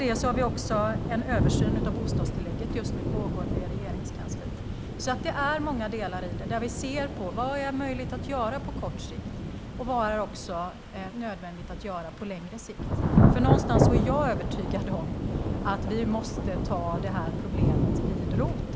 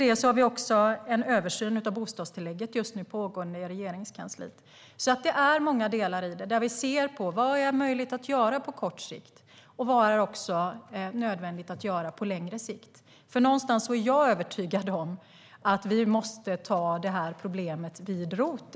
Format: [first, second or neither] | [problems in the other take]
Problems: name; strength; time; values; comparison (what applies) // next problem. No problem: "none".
second | background sound (Thunder / Rain); 4 dB above the speech